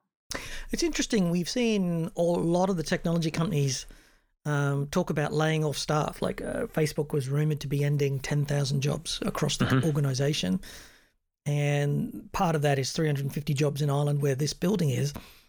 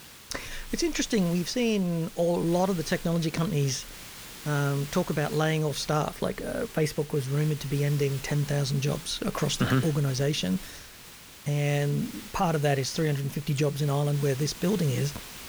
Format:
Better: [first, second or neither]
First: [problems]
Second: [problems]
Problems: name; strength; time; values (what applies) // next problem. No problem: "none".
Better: first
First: none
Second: hiss; noticeable; throughout; 15 dB below the speech